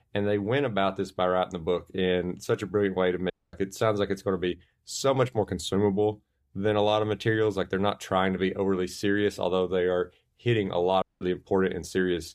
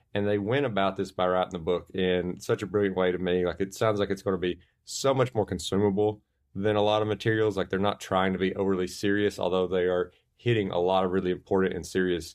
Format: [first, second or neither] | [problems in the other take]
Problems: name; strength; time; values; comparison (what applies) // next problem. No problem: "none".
second | audio cutting out; at 3.5 s and at 11 s